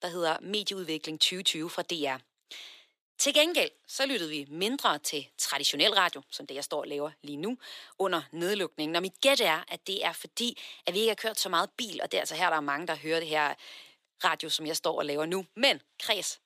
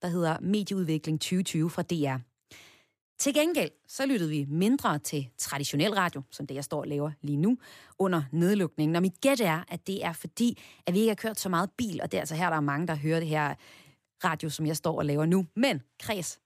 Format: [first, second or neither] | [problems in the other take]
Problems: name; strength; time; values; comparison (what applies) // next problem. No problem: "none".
second | thin; somewhat; fading below 500 Hz